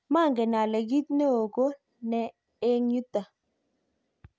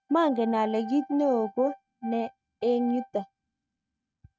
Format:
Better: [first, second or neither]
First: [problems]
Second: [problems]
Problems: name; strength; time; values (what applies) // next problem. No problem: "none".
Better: first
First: none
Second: noise reduction (neural mask model RNNoise)